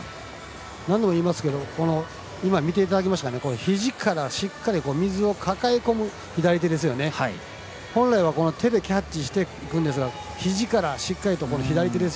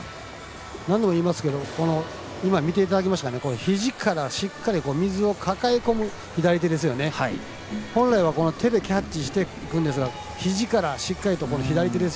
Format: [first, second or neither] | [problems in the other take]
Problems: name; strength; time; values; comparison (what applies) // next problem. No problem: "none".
first | background sound (Explosion + Gurgling); 17 dB below the speech